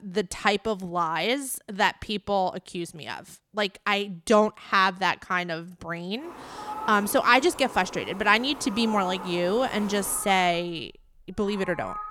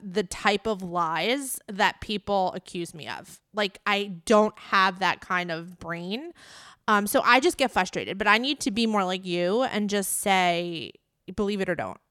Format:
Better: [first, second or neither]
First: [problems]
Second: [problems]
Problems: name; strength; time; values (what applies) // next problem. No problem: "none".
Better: second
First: animal sounds; noticeable; from 6 s on; 15 dB below the speech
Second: none